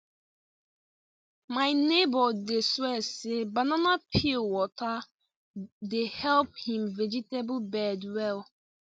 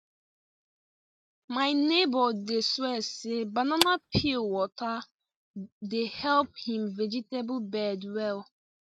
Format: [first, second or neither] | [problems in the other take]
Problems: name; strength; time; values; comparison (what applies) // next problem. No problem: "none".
first | noise reduction (neural mask model RNNoise)